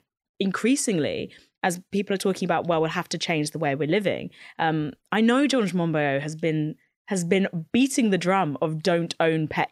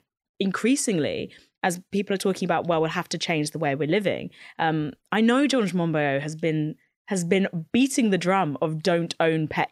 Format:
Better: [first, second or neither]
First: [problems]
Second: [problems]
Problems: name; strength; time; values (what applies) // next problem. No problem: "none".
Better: neither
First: none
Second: none